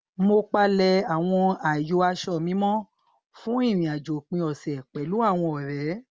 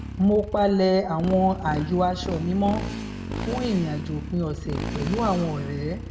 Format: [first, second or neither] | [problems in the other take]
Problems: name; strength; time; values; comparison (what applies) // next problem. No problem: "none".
first | background sound (Motorcycle); 8 dB below the speech // room echo; dies away in 1.2 s